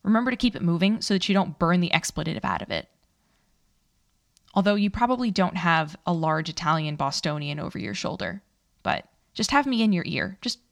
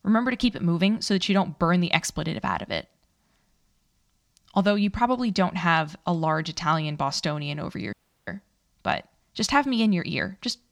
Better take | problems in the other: first | audio cutting out; at 8 s

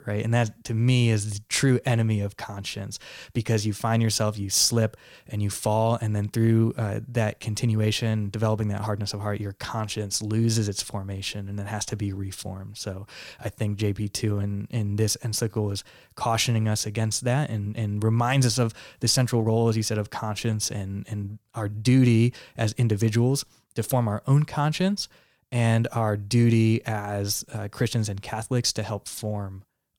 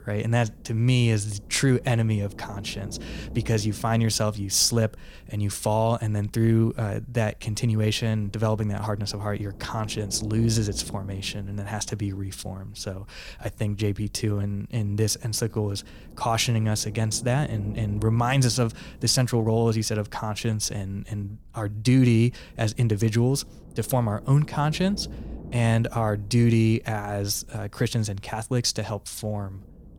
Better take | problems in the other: first | low rumble; faint; throughout; 20 dB below the speech

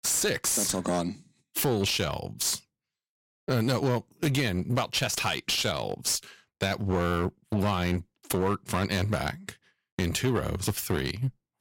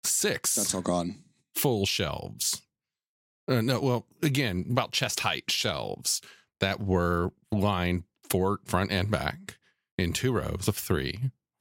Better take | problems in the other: second | distortion; slight; 9% of the sound clipped

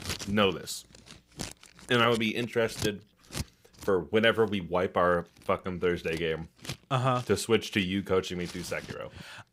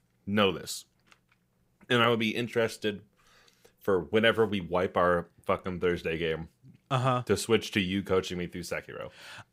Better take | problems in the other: second | household noises; noticeable; throughout; 15 dB below the speech

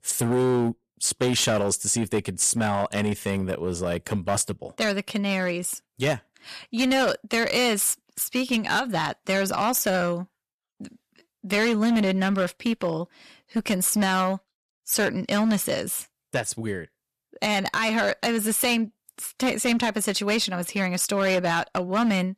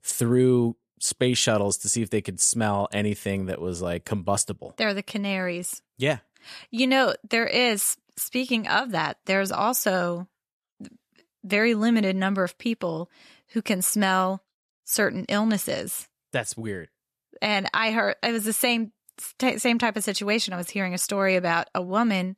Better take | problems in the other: second | distortion; slight; 9% of the sound clipped

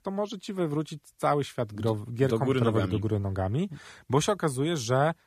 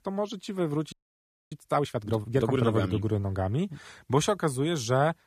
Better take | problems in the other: first | audio freezing; at 1 s for 0.5 s

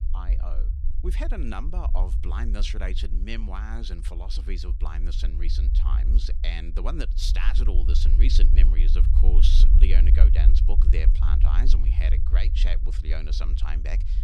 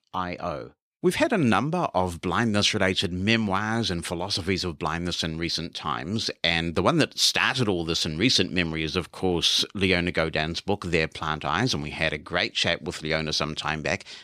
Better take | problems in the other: second | low rumble; loud; throughout; 8 dB below the speech

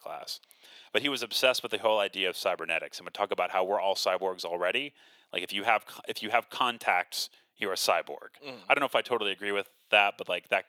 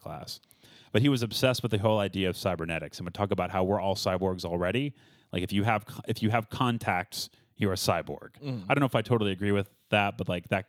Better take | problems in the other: second | thin; very; fading below 600 Hz

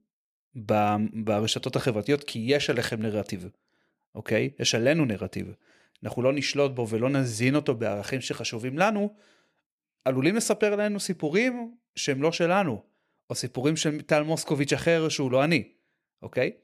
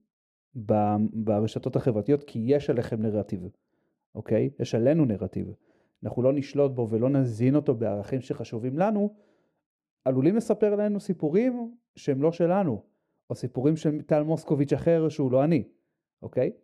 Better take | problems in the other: first | muffled; very; fading above 1 kHz

